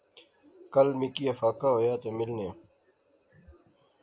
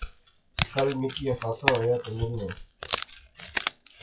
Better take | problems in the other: first | noise reduction (classical method WPE with log-MMSE)

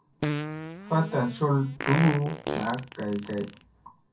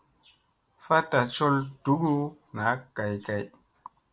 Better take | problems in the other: second | background sound (Fart); 7 dB below the speech // room echo; dies away in 0.3 s

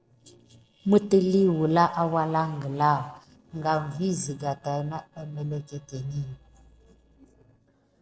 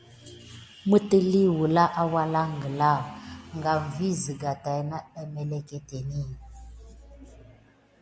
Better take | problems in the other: second | noise reduction (neural separator model SepFormer DNS4)

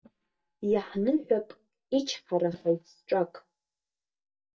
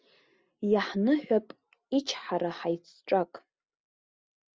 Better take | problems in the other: second | noise reduction (neural mask model DeepFilterNet 3)

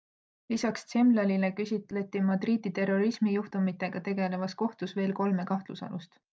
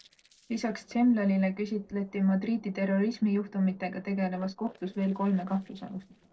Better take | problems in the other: first | noise reduction (neural separator model SepFormer DNS4)

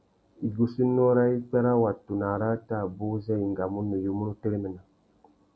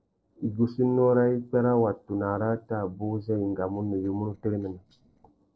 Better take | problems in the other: first | noise reduction (neural separator model SepFormer DNS4)

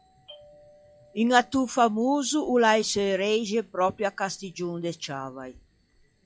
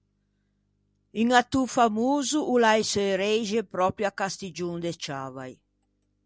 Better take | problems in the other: second | noise reduction (classical method log-MMSE)

